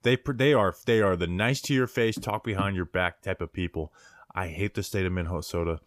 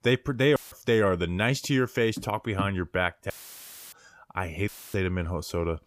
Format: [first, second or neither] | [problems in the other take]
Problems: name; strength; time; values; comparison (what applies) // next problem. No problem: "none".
first | audio cutting out; filled with static; at 0.5 s, at 3.5 s for 0.5 s and at 4.5 s